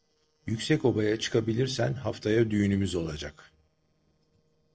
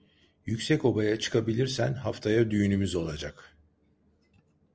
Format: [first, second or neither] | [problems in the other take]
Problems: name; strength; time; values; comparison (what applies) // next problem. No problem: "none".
second | noise reduction (neural separator model SepFormer DNS4)